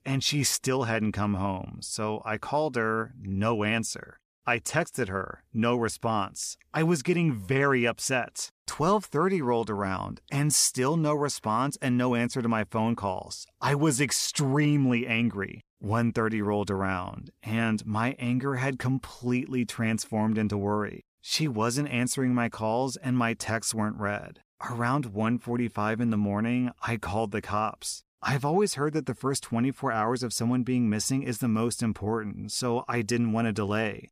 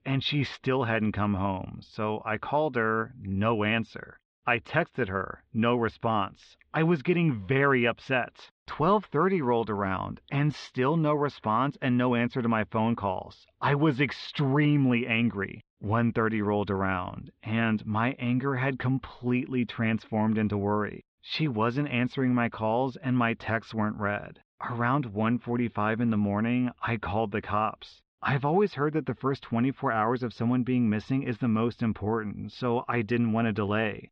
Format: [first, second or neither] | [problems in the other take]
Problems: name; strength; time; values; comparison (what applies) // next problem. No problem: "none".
first | muffled; very; fading above 3.5 kHz